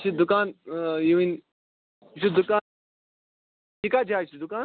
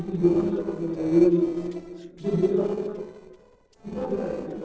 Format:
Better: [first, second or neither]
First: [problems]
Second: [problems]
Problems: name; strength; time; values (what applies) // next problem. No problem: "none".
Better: first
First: none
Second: noise reduction (neural separator model SepFormer DNS4)